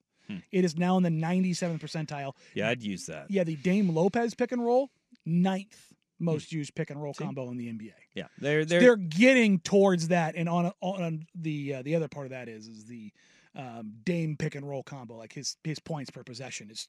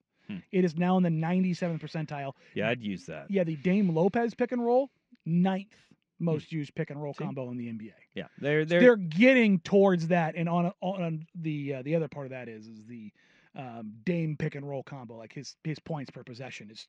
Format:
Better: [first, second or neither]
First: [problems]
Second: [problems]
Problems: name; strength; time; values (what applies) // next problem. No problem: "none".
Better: first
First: none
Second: muffled; slightly; fading above 3.5 kHz